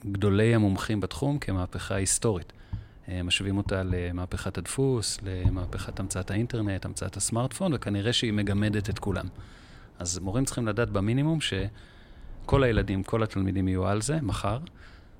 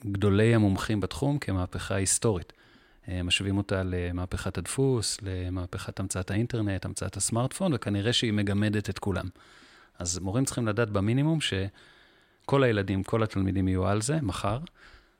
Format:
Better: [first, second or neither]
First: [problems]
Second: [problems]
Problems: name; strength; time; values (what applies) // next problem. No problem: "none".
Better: second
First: wind noise on the microphone; occasional gusts; 20 dB below the speech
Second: none